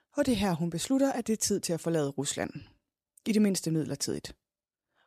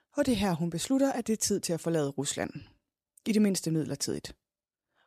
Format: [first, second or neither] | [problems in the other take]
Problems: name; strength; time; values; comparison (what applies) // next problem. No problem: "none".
neither | none